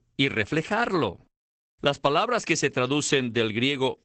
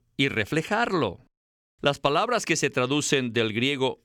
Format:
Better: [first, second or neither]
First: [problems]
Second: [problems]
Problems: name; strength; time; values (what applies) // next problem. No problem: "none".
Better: second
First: garbled, watery; badly; nothing above 8 kHz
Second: none